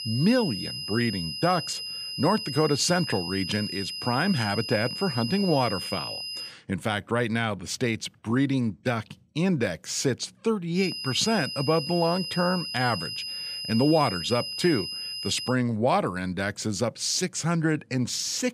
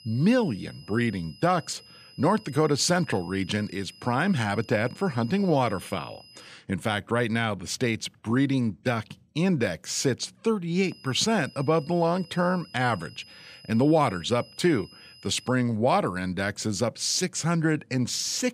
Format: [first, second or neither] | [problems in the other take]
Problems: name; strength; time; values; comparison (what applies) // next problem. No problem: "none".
second | high-pitched whine; loud; until 6.5 s and from 11 to 16 s; 5 kHz, 5 dB below the speech; faint in the second